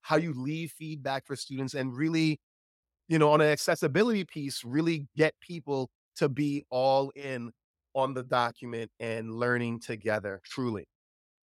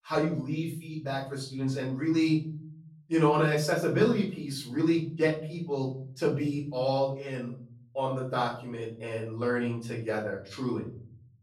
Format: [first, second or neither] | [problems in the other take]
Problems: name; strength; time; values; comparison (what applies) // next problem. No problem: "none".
first | off-mic speech; far // room echo; slight; dies away in 0.7 s